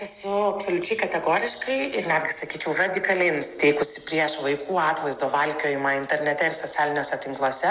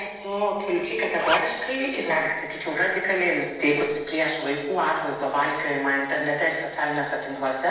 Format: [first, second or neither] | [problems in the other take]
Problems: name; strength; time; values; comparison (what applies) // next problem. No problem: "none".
first | background sound (Zipper (clothing)); 5 dB below the speech // room echo; dies away in 0.9 s